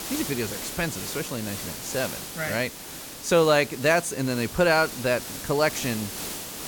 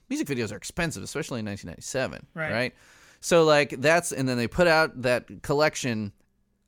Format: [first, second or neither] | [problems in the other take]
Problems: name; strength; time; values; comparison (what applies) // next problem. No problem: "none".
second | hiss; loud; throughout; 8 dB below the speech